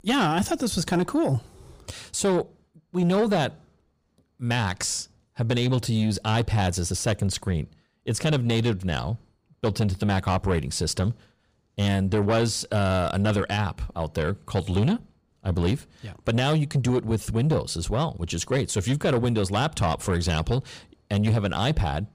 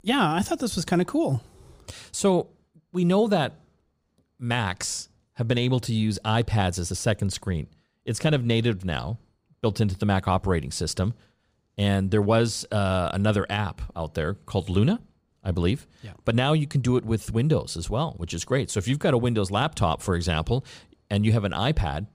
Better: second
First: distortion; slight; 10 dB below the speech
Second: none

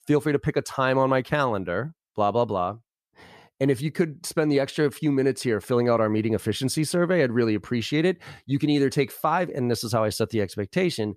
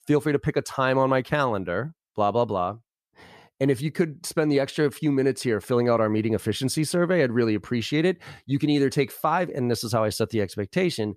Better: neither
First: none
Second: none

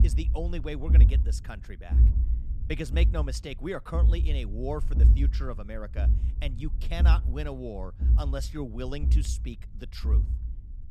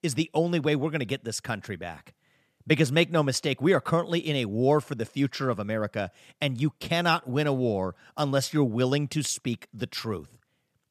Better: second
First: low rumble; loud; throughout; 7 dB below the speech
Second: none

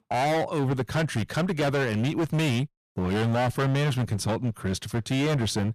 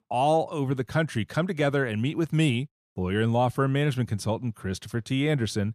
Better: second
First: distortion; heavy; 30% of the sound clipped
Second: none

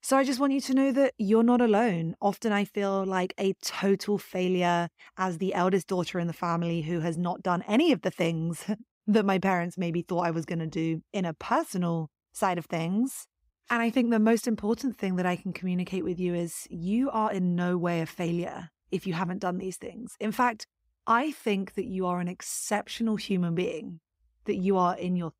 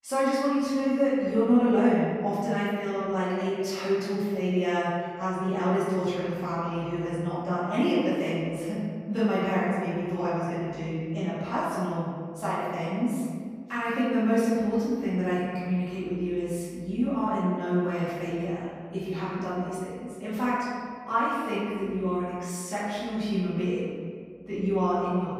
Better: first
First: none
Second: off-mic speech; far // room echo; strong; dies away in 1.8 s

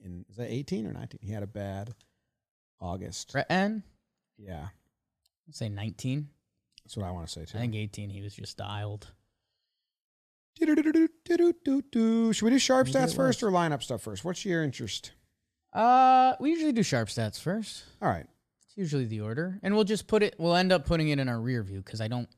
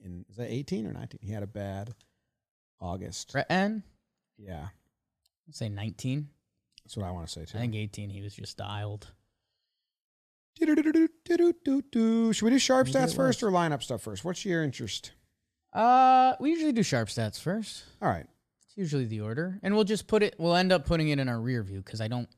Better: neither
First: none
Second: none

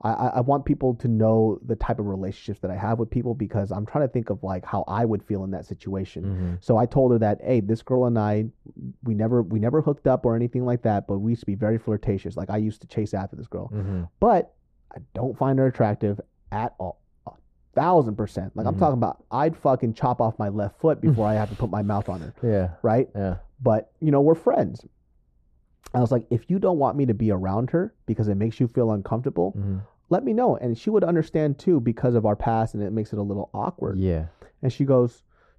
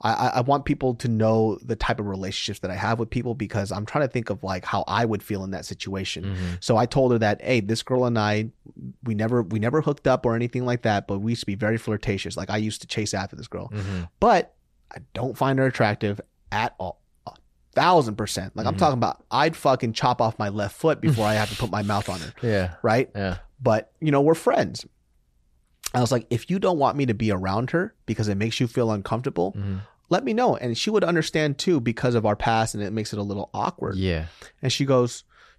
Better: second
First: muffled; very; fading above 1.5 kHz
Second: none

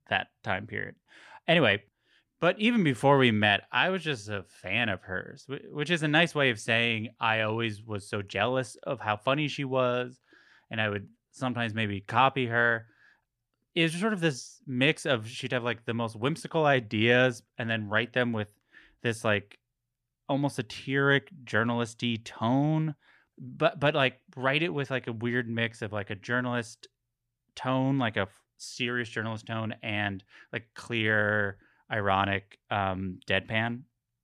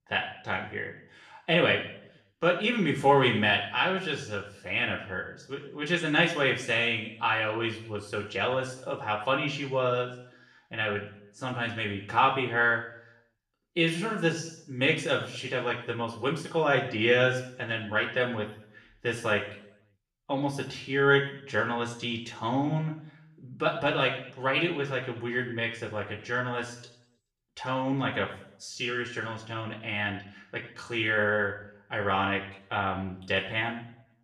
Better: first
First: none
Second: room echo; slight; dies away in 0.6 s // off-mic speech; far

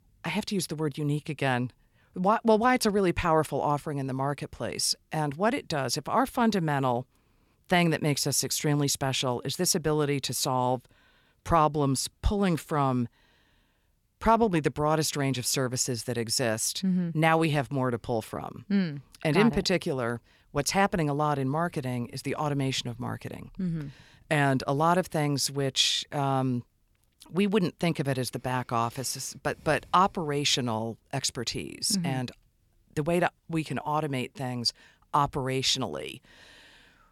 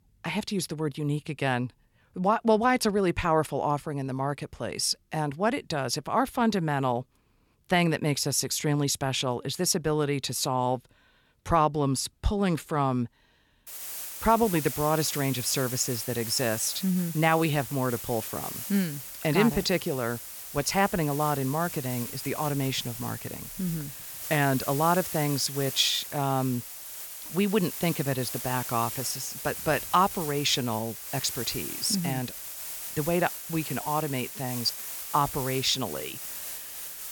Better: first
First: none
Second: hiss; loud; from 14 s on; 8 dB below the speech

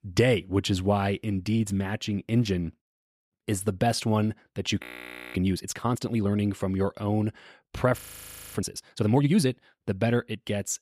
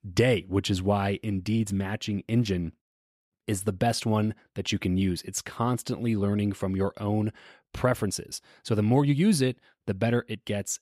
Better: second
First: audio freezing; at 5 s for 0.5 s and at 8 s for 0.5 s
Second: none

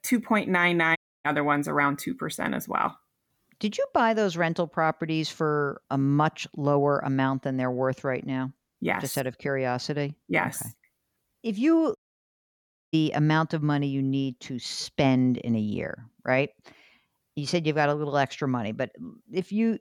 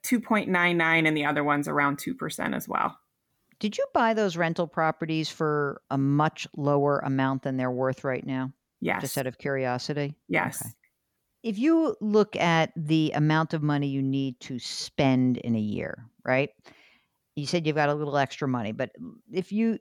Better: second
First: audio cutting out; at 1 s and at 12 s for 1 s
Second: none

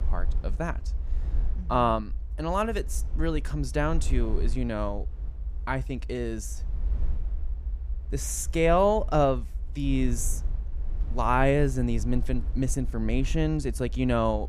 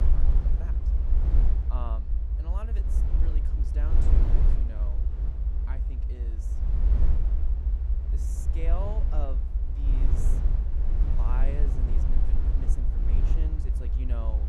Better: first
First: low rumble; faint; throughout; 25 dB below the speech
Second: low rumble; loud; throughout; as loud as the speech

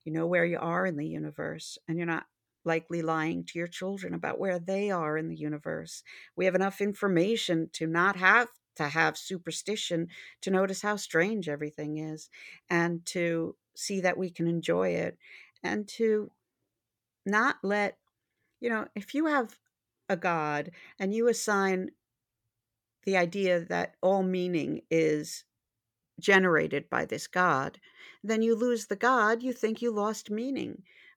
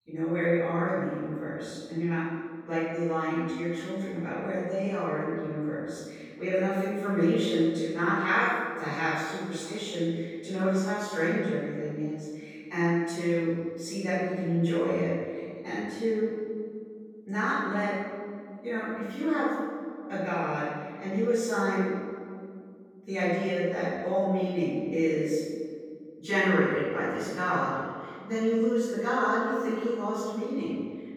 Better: first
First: none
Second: off-mic speech; far // room echo; strong; dies away in 2 s

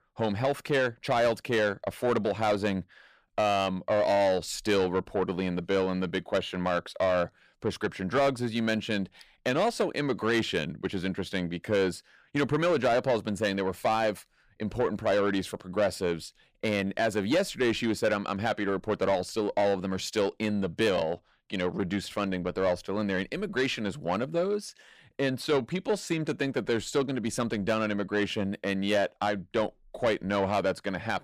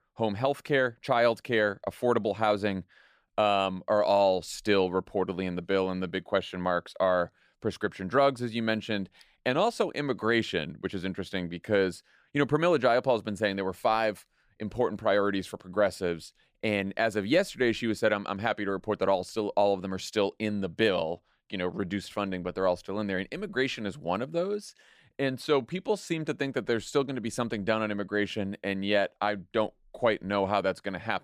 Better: second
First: distortion; slight; 10 dB below the speech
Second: none

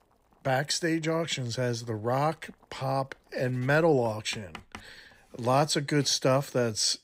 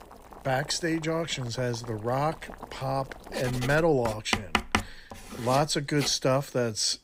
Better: first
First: household noises; faint; throughout; 25 dB below the speech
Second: household noises; loud; throughout; 6 dB below the speech

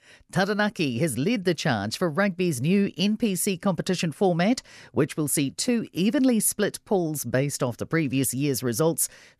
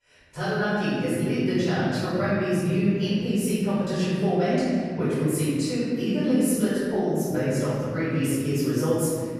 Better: first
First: none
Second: room echo; strong; dies away in 2.2 s // off-mic speech; far

